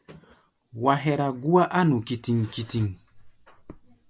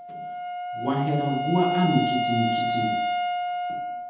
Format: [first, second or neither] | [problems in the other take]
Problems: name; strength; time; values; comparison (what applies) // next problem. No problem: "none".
first | background sound (Wind instrument, woodwind instrument); as loud as the speech // room echo; dies away in 0.9 s